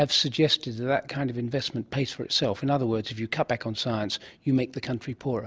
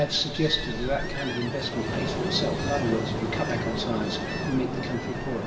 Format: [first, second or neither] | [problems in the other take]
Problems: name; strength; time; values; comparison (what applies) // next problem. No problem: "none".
first | background sound (Ocean); 1 dB below the speech // room echo; dies away in 2.6 s